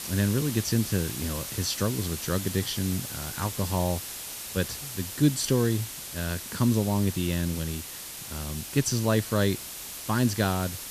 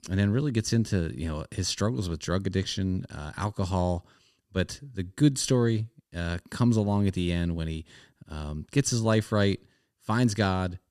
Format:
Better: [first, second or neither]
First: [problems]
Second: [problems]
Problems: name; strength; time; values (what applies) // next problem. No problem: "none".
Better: second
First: hiss; loud; throughout; 7 dB below the speech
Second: none